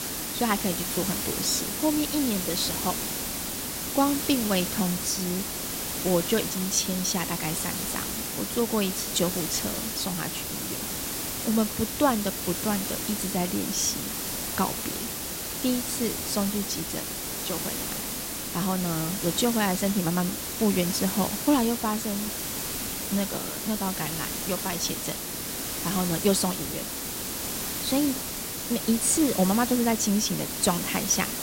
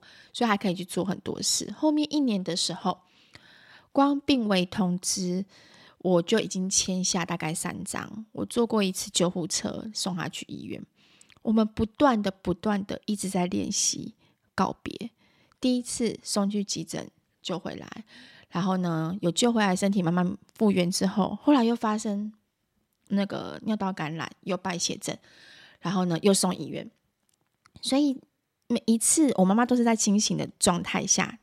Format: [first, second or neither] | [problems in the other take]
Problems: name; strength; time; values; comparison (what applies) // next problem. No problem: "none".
second | hiss; loud; throughout; 2 dB below the speech